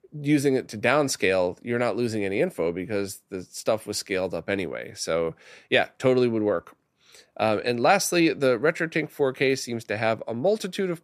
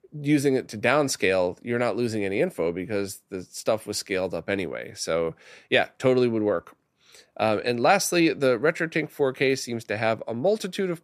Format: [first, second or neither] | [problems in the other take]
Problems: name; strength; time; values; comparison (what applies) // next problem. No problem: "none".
neither | none